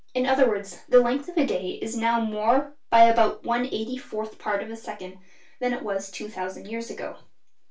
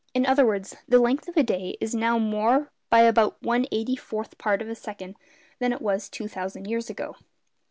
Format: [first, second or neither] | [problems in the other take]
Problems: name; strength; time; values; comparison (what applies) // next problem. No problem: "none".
second | room echo; dies away in 0.3 s